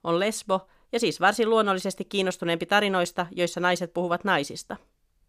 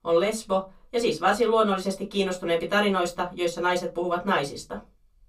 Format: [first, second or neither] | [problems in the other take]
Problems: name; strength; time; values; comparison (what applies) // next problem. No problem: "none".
first | off-mic speech; far // room echo; very slight; dies away in 0.2 s